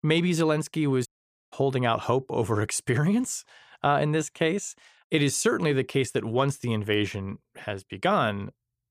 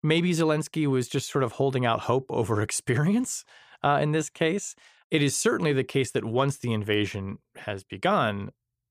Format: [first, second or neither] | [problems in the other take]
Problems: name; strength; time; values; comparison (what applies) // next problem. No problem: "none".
second | audio cutting out; at 1 s